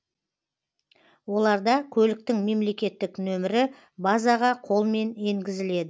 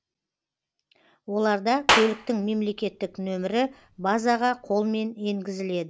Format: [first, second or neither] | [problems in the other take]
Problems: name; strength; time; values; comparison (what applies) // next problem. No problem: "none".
first | background sound (Clapping); 4 dB below the speech